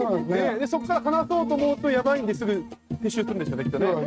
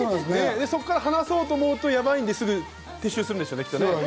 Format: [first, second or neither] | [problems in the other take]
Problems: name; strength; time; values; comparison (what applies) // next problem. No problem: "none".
second | noise reduction (neural mask model RNNoise)